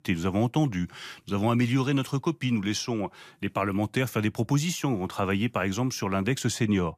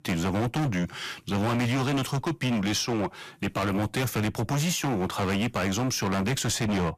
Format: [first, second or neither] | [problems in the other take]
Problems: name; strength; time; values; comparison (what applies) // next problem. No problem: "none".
first | distortion; heavy; 29% of the sound clipped